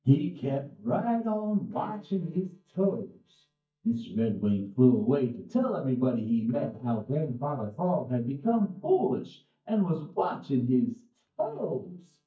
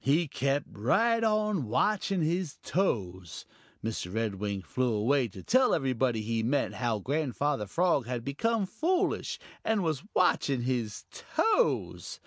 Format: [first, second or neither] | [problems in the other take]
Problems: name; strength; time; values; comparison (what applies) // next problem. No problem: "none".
second | noise reduction (neural mask model DeepFilterNet 3)